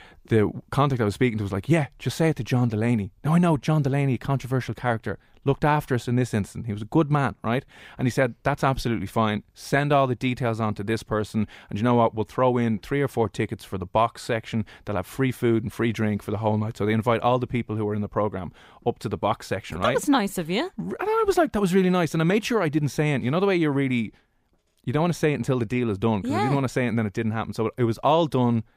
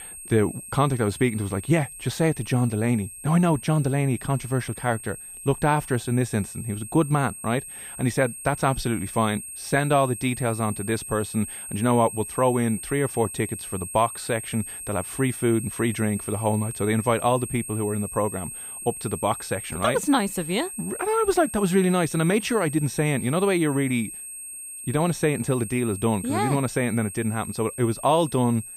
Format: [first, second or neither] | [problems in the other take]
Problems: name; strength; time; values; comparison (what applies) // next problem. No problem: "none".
first | high-pitched whine; loud; throughout; 8.5 kHz, 10 dB below the speech